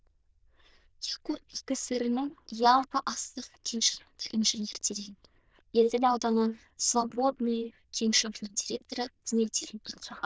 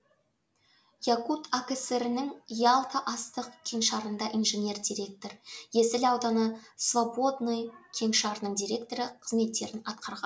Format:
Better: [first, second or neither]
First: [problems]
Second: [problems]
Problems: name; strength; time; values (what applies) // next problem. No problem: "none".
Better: second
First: noise reduction (neural diffusion model UNIVERSE++)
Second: none